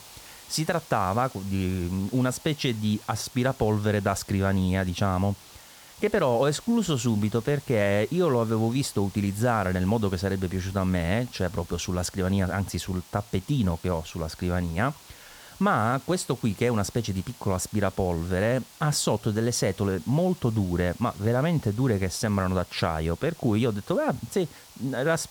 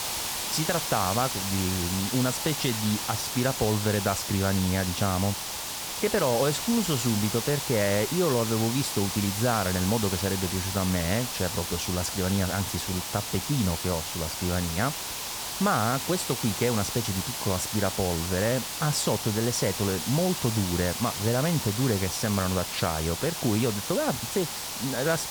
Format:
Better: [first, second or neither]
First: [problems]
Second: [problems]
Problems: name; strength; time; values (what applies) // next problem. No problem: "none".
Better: first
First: hiss; faint; throughout; 20 dB below the speech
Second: hiss; loud; throughout; 3 dB below the speech